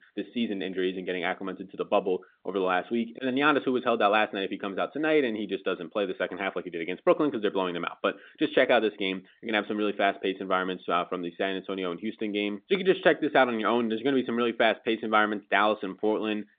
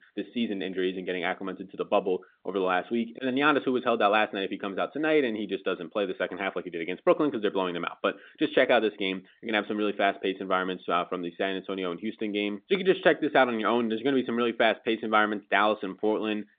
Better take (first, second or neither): neither